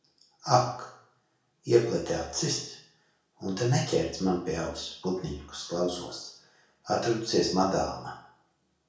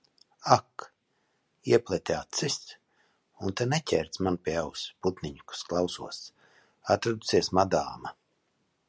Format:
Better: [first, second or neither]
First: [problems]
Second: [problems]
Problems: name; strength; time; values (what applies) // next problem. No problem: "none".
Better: second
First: room echo; dies away in 0.6 s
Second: none